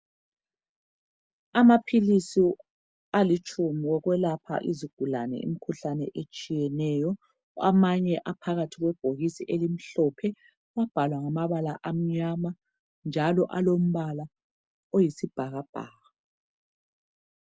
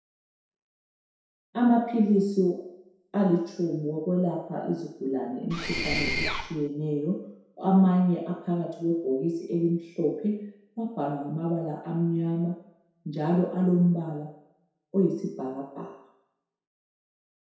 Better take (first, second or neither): first